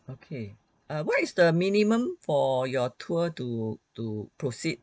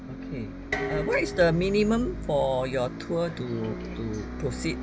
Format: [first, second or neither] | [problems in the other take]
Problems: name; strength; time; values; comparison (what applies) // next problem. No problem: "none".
first | background sound (Bus + Dishes, pots, and pans); 6 dB below the speech